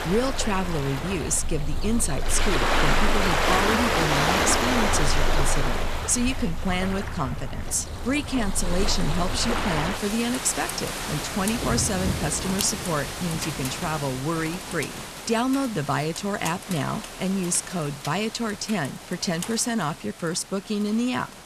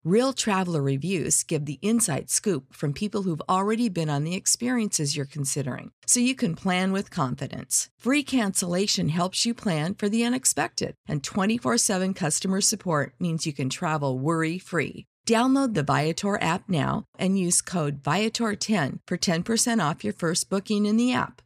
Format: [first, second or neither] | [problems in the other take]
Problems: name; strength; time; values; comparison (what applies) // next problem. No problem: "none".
second | rain or running water; loud; throughout; 1 dB below the speech